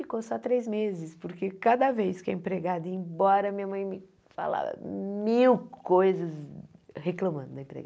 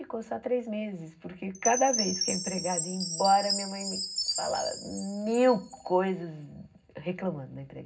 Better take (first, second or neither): first